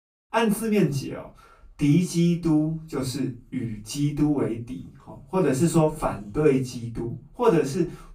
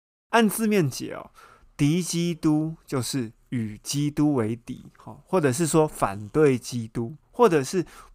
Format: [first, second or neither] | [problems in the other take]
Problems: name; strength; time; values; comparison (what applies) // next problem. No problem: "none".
second | off-mic speech; far // room echo; very slight; dies away in 0.3 s